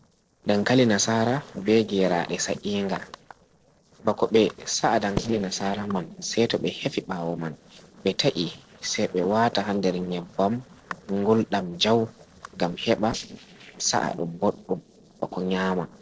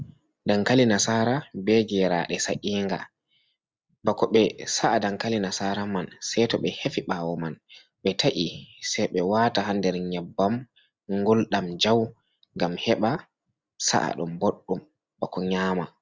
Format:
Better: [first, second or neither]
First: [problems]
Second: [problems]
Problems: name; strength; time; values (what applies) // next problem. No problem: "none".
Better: second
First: noise reduction (neural separator model SepFormer DNS4)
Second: none